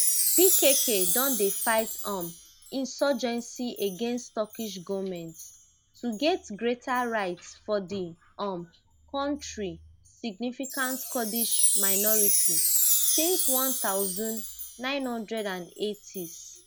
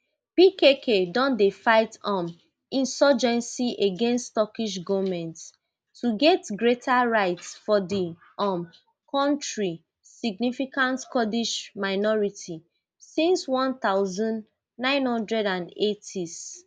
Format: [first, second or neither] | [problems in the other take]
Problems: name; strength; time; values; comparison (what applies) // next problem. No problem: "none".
second | background sound (Chime); 2 dB above the speech